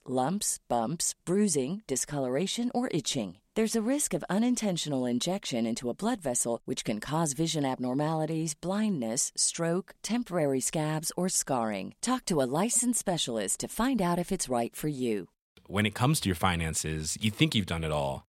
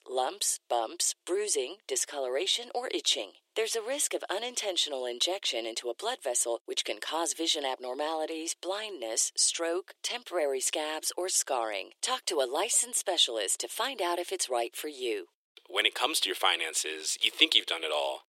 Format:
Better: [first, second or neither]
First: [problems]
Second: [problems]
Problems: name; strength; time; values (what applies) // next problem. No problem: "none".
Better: first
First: none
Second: thin; very; fading below 350 Hz